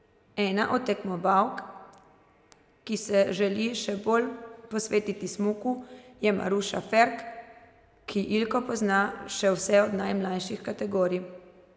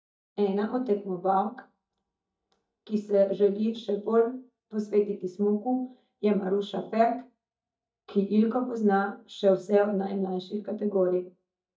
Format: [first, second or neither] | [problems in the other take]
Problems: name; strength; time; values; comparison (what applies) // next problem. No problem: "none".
first | noise reduction (neural mask model DeepFilterNet 3)